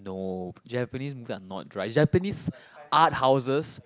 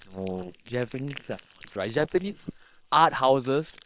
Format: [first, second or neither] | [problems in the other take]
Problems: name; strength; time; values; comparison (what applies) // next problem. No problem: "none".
first | noise reduction (neural separator model SepFormer WHAM!)